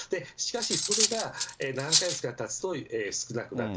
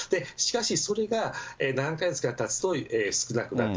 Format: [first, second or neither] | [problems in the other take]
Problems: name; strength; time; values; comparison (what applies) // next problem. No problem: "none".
second | background sound (Cutlery, silverware); 3 dB above the speech